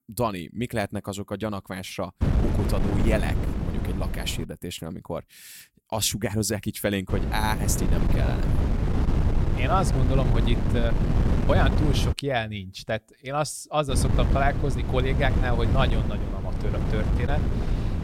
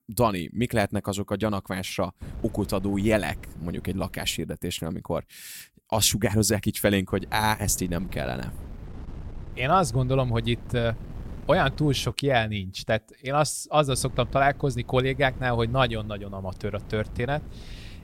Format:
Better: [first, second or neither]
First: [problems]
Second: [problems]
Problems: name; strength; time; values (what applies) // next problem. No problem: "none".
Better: second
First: wind noise on the microphone; heavy; from 2 to 4.5 s, from 7 to 12 s and from 14 s on; 5 dB below the speech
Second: wind noise on the microphone; occasional gusts; from 2 to 4.5 s, from 7 to 12 s and from 14 s on; 25 dB below the speech